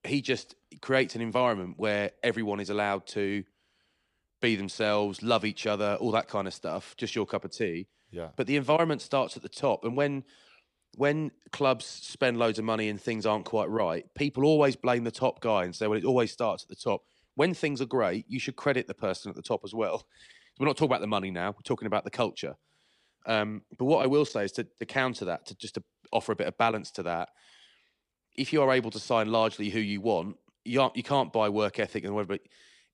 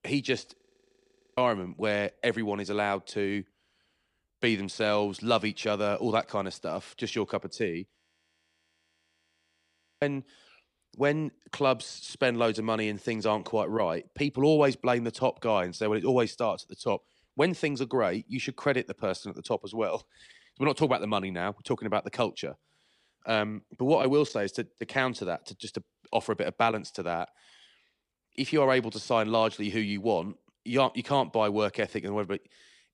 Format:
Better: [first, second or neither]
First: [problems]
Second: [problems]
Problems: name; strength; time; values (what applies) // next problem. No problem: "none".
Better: first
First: none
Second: audio freezing; at 0.5 s for 1 s and at 8 s for 2 s